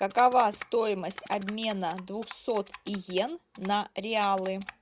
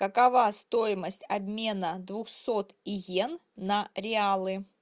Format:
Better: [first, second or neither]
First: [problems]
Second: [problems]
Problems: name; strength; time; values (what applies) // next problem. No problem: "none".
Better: second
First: background sound (Typing); 19 dB below the speech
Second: none